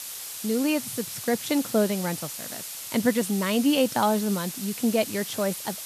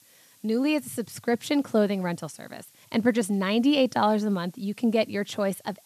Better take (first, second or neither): second